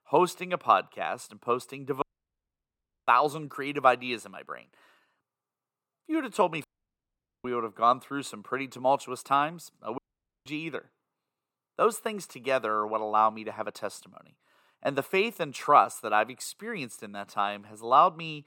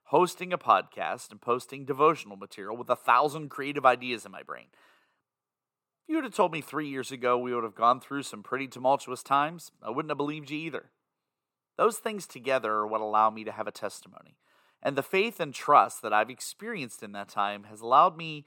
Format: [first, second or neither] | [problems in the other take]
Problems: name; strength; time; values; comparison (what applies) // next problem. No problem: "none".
second | audio cutting out; at 2 s for 1 s, at 6.5 s for 1 s and at 10 s